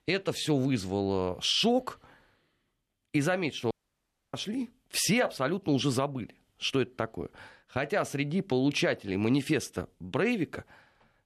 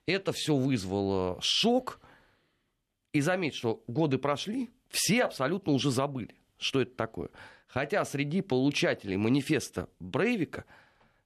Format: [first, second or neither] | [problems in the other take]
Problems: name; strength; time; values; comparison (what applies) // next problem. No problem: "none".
second | audio cutting out; at 3.5 s for 0.5 s